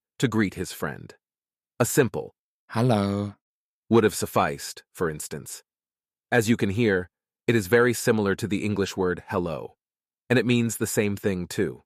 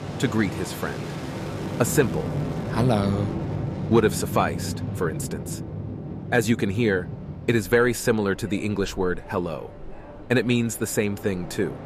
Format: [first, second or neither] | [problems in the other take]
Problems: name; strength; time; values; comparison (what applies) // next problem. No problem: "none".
first | train or aircraft noise; loud; throughout; 7 dB below the speech